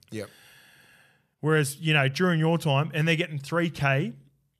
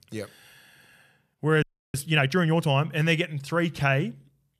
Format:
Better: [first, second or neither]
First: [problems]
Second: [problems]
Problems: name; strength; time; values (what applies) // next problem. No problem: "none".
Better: first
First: none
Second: audio freezing; at 1.5 s